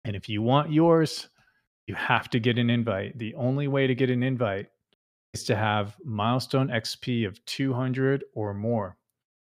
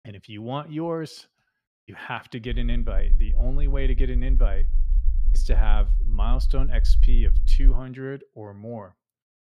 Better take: first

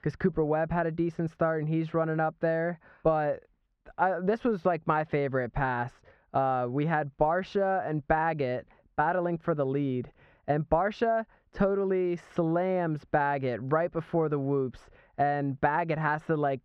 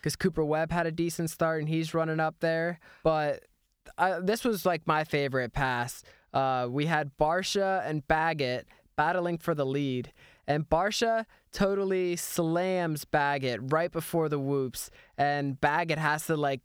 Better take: second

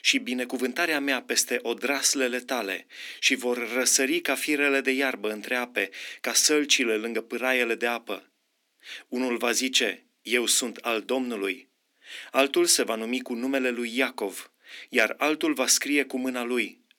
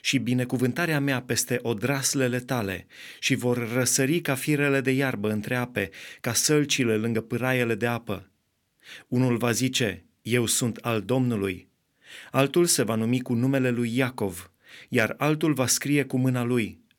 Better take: second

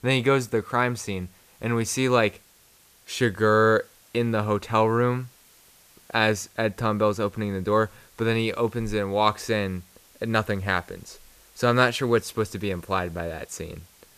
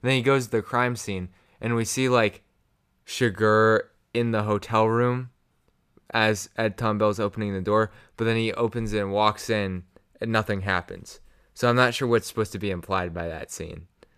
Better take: second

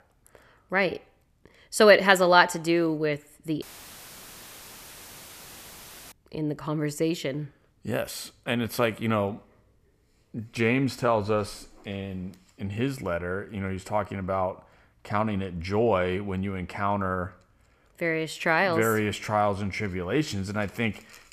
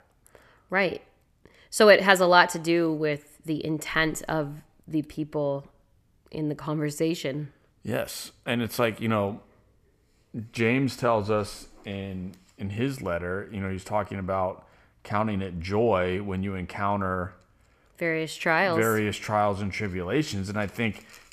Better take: second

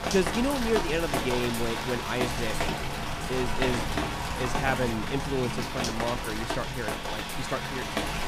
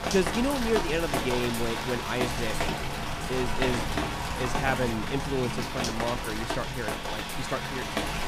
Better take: neither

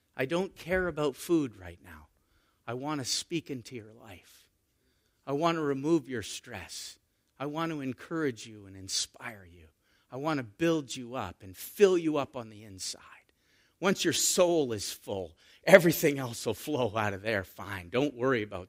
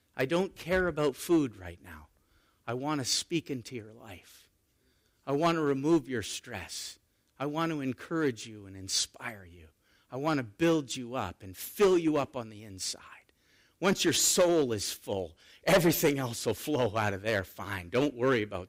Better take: first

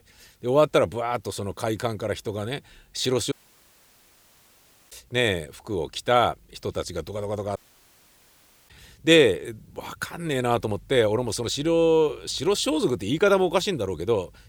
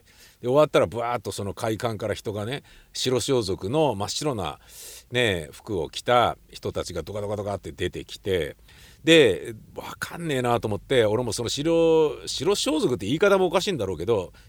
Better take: second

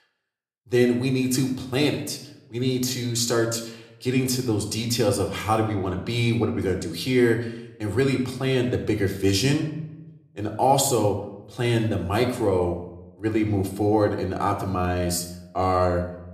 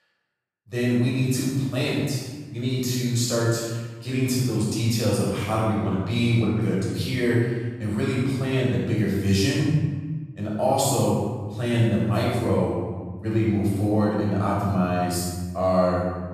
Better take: first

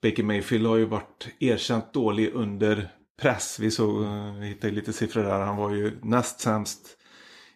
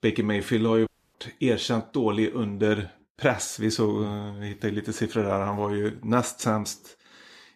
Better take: first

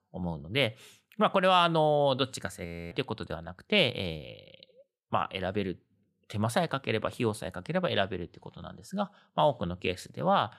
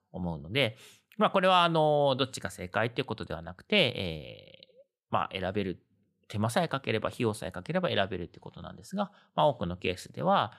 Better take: second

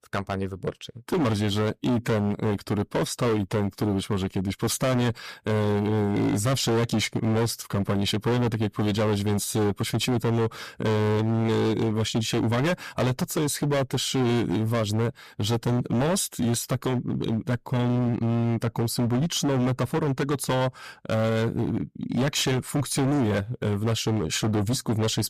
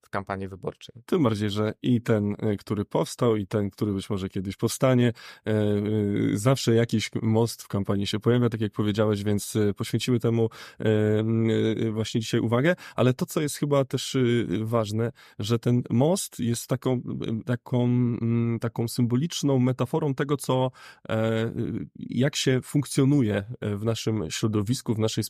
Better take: second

